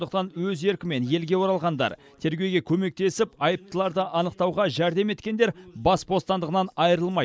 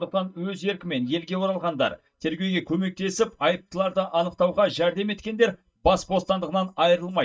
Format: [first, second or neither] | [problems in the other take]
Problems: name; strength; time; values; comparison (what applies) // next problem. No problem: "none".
first | noise reduction (neural mask model DeepFilterNet 3)